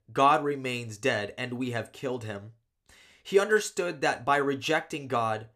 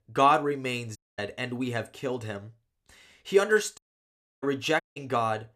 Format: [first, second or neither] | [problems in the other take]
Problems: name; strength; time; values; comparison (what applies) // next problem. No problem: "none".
first | audio cutting out; at 1 s, at 4 s for 0.5 s and at 5 s